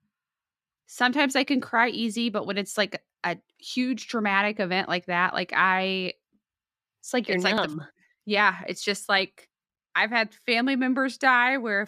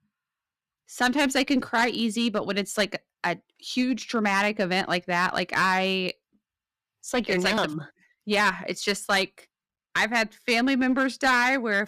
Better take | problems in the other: first | distortion; slight; 5% of the sound clipped

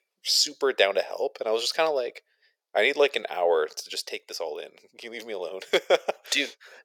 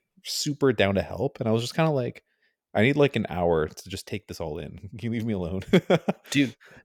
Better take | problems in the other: second | thin; very; fading below 450 Hz

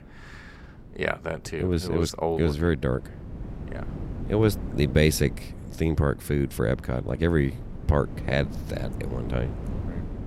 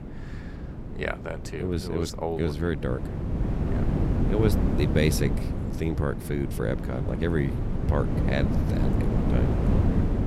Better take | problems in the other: first | wind noise on the microphone; heavy; 3 dB below the speech; occasional gusts in the first

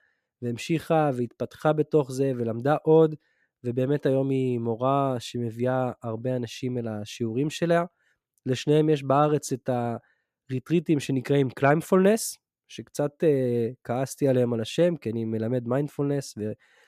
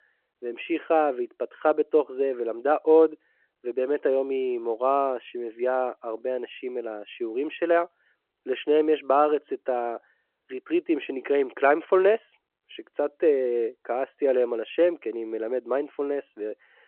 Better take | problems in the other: first | phone-call audio

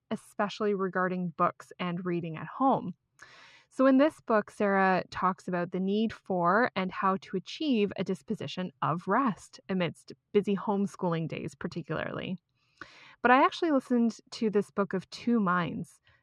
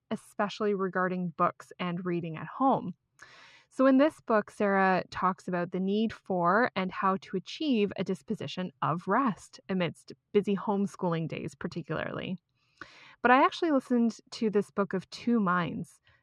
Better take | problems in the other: neither | muffled; very slightly; fading above 3.5 kHz; the same in both

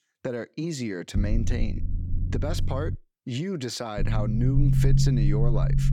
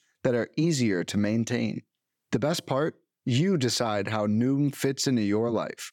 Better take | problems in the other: second | low rumble; loud; from 1 to 3 s and from 4 s on; 4 dB below the speech

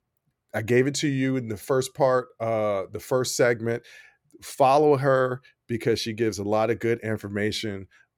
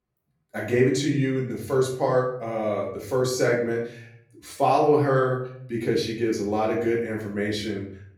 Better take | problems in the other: first | off-mic speech; far // room echo; slight; dies away in 0.5 s

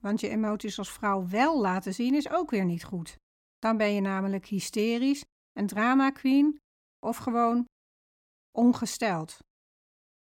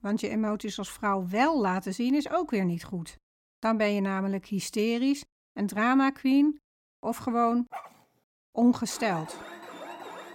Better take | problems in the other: first | dog barking; faint; at 7.5 s; peak 15 dB below the speech // alarm; faint; from 9 s on; peak 15 dB below the speech

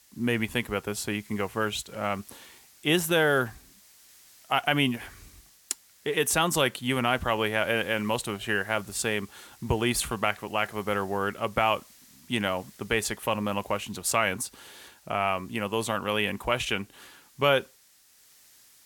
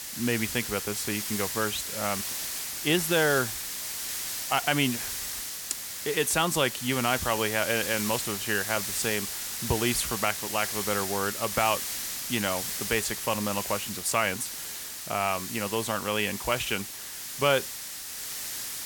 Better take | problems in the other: first | hiss; loud; throughout; 3 dB below the speech; faint in the first

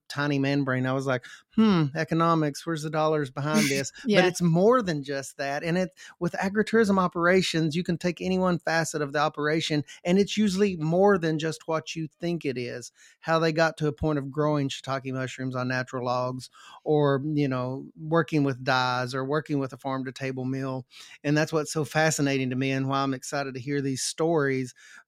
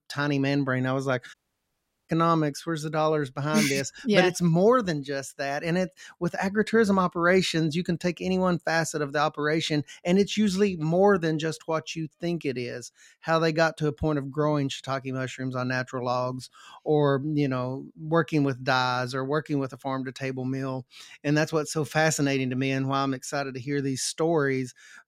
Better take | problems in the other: first | audio cutting out; at 1.5 s for 0.5 s

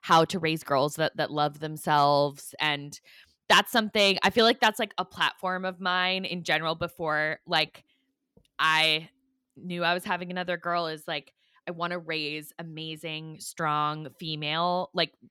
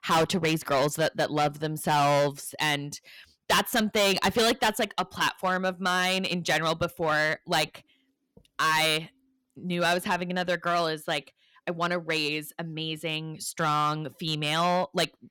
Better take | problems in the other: first | distortion; heavy; 8% of the sound clipped

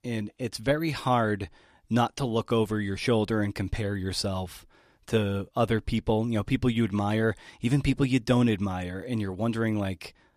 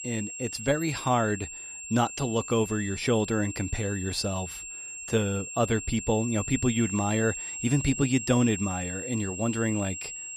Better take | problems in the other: first | high-pitched whine; loud; throughout; 7.5 kHz, 7 dB below the speech

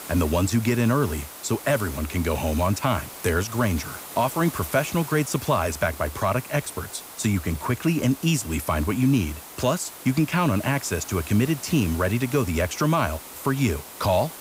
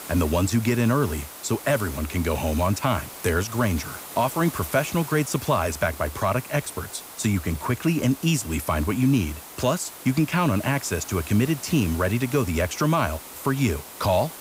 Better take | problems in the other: neither | hiss; noticeable; throughout; 15 dB below the speech; the same in both

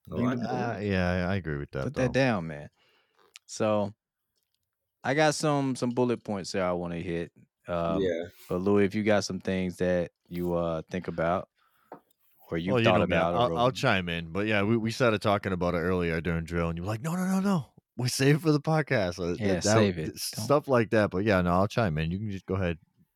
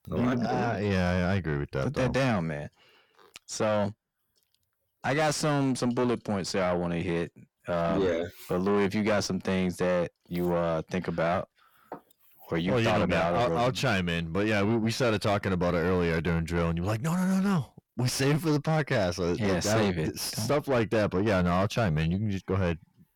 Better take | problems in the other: first | distortion; heavy; 8 dB below the speech

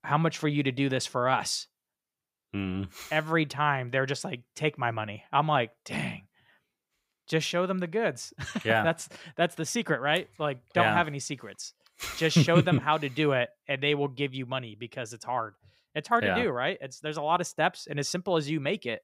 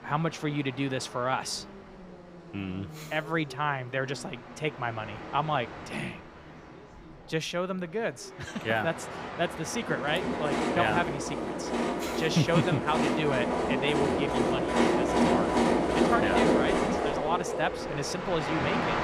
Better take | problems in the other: first | train or aircraft noise; very loud; throughout; 3 dB above the speech

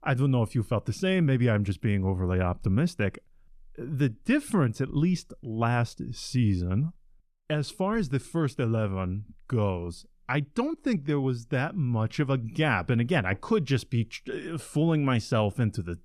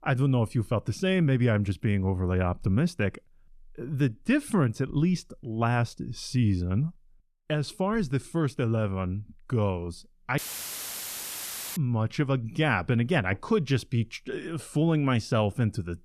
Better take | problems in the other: first | audio cutting out; filled with static; at 10 s for 1.5 s

